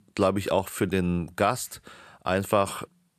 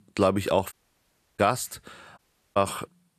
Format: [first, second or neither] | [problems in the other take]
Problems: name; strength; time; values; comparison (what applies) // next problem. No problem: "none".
first | audio cutting out; at 0.5 s for 0.5 s and at 2 s